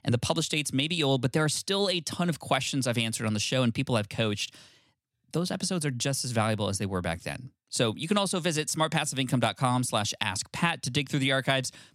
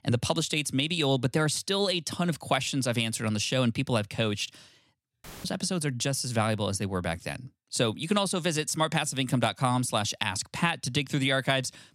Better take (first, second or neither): first